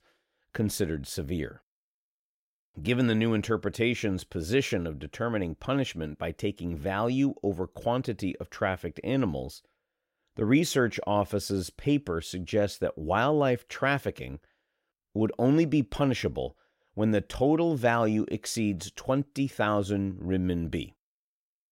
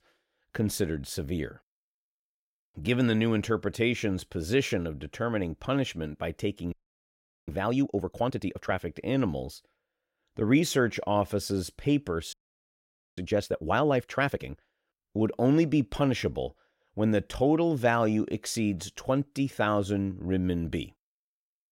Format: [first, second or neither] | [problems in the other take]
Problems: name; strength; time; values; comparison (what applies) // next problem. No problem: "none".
first | audio freezing; at 6.5 s for 1 s and at 12 s for 1 s